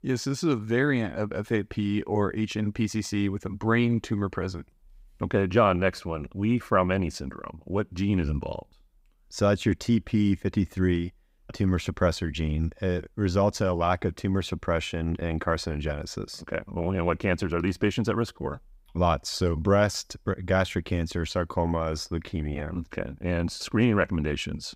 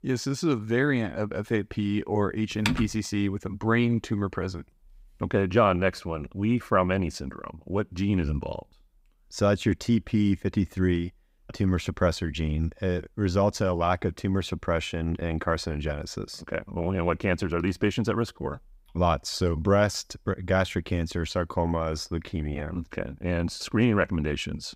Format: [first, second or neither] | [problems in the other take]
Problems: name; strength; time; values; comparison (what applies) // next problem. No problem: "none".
first | keyboard typing; noticeable; at 2.5 s; peak 2 dB below the speech